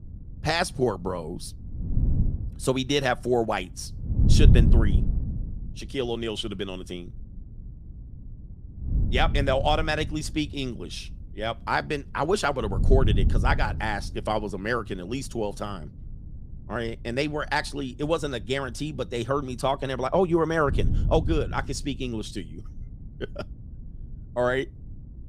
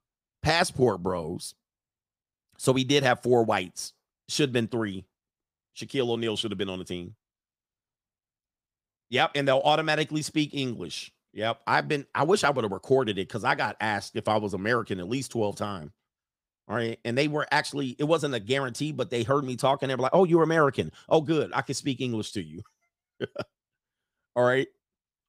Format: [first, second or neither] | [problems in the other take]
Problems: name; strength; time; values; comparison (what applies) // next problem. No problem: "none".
second | wind noise on the microphone; occasional gusts; 15 dB below the speech